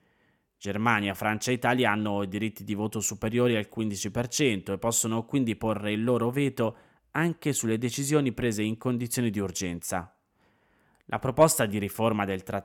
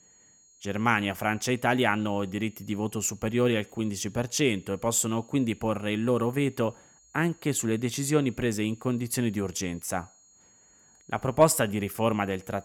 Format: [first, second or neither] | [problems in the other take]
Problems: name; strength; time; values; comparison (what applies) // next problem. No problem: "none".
first | high-pitched whine; faint; throughout; 6.5 kHz, 30 dB below the speech